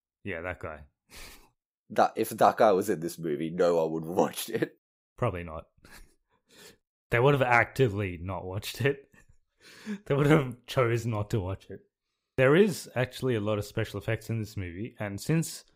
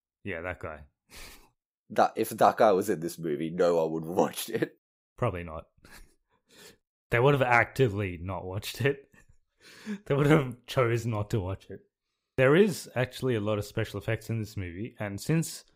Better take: neither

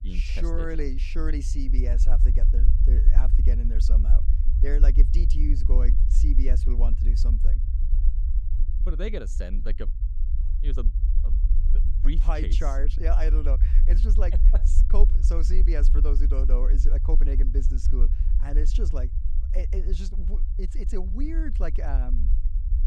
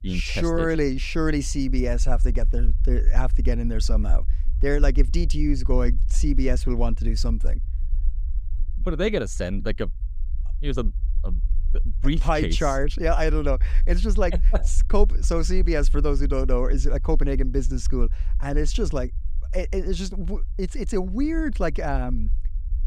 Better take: second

